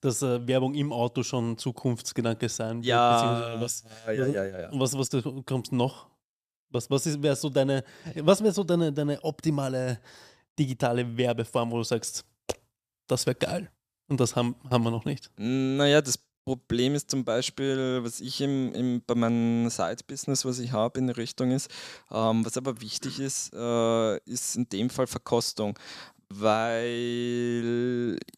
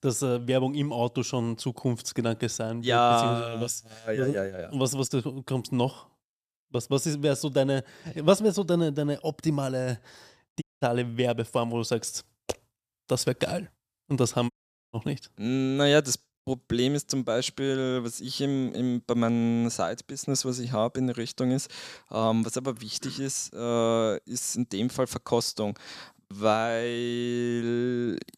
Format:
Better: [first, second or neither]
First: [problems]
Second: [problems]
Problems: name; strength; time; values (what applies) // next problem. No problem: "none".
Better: first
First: none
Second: audio cutting out; at 11 s and at 15 s